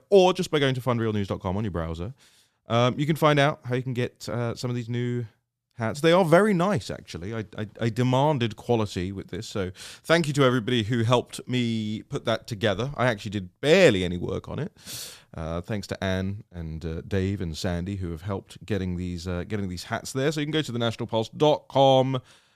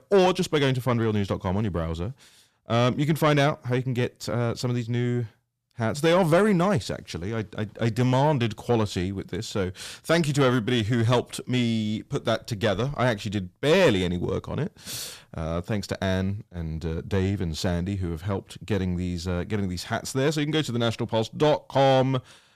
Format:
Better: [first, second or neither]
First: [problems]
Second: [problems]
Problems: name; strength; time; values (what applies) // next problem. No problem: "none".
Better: first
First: none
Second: distortion; slight; 10 dB below the speech